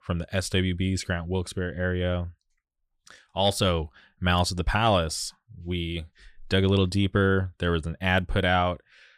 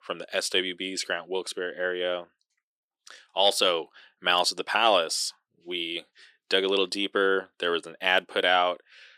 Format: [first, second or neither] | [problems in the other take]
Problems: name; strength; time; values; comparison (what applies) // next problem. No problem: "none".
first | thin; very; fading below 300 Hz